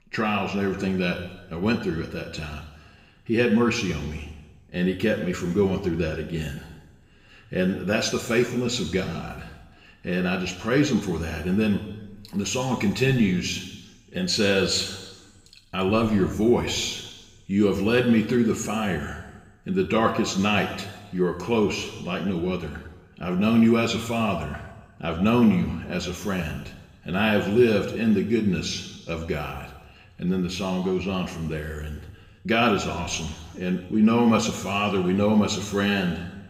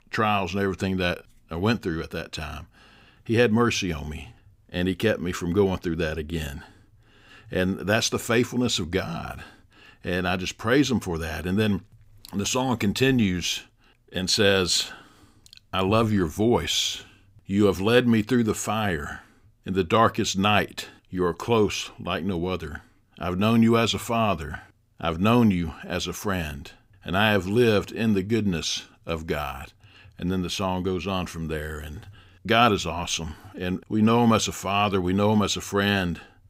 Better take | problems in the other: second | room echo; noticeable; dies away in 1.1 s // off-mic speech; somewhat distant

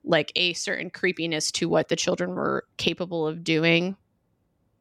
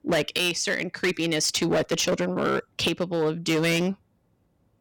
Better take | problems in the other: first | distortion; heavy; 11% of the sound clipped

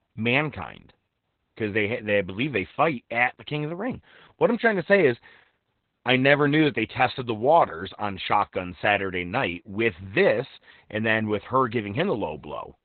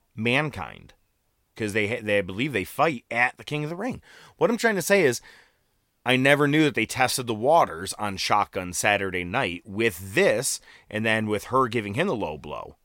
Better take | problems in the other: second | garbled, watery; badly; nothing above 4 kHz

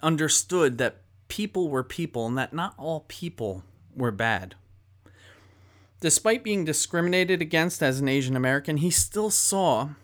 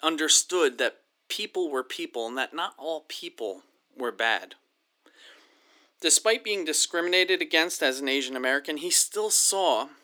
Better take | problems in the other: first | thin; somewhat; fading below 300 Hz

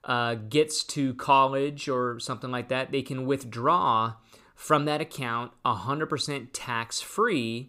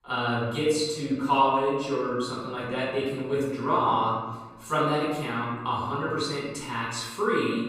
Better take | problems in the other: first | off-mic speech; far // room echo; noticeable; dies away in 1.1 s

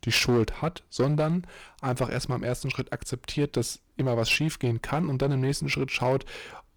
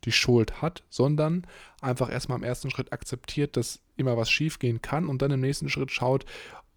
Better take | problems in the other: second | distortion; slight; 6% of the sound clipped

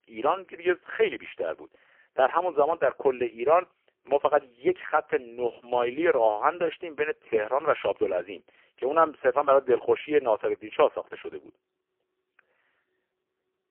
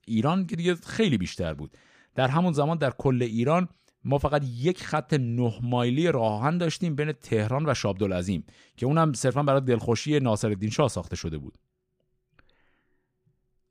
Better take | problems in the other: second | phone-call audio; poor line; nothing above 3 kHz

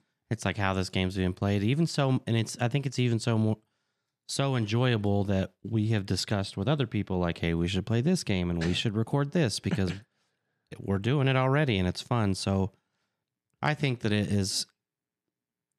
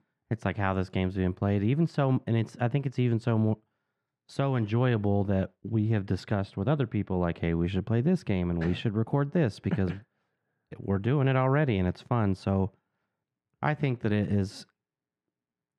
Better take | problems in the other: first | muffled; very; fading above 3 kHz

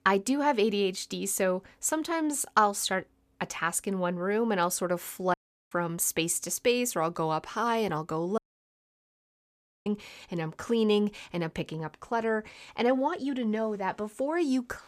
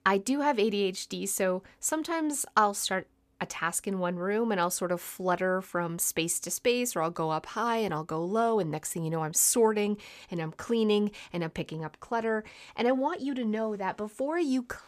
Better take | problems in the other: second | audio cutting out; at 5.5 s and at 8.5 s for 1.5 s

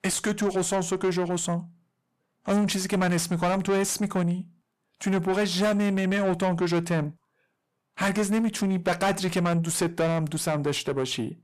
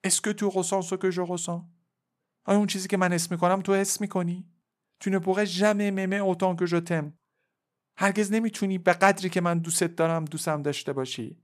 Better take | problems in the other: second | distortion; heavy; 7 dB below the speech

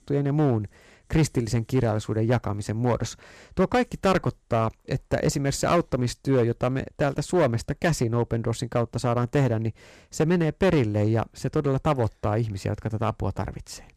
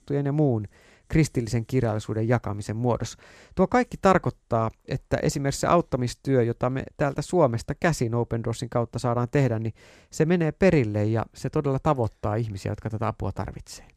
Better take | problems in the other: second | distortion; slight; 5% of the sound clipped

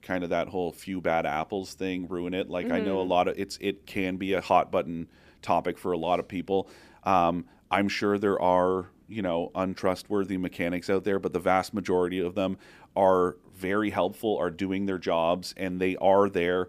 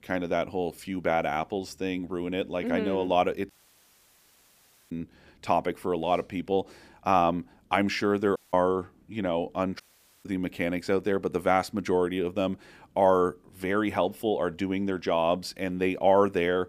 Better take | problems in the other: first | audio cutting out; at 3.5 s for 1.5 s, at 8.5 s and at 10 s

